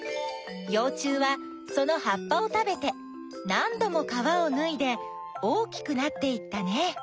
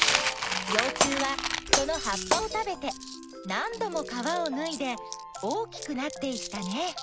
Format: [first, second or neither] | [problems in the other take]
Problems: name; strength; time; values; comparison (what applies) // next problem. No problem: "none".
first | background sound (Glass + Coin (dropping)); as loud as the speech